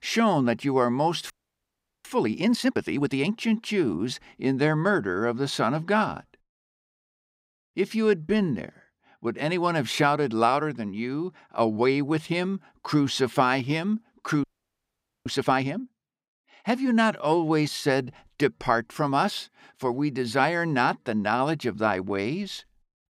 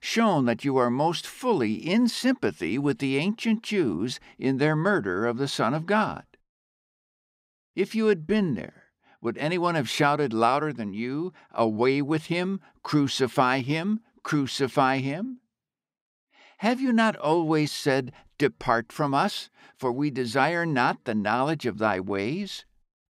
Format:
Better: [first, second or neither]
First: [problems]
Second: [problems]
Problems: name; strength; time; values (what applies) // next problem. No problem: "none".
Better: second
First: audio freezing; at 1.5 s for 0.5 s and at 14 s for 1 s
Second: none